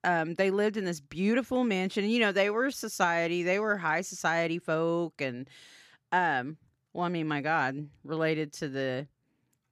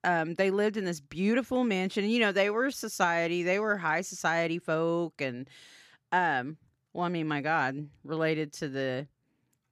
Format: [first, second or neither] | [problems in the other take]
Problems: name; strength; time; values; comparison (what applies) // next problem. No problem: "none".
neither | none